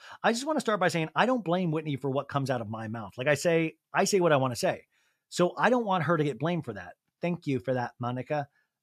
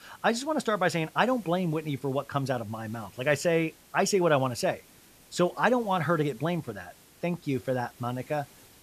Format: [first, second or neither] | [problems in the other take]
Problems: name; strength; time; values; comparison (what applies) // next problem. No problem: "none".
first | hiss; faint; throughout; 25 dB below the speech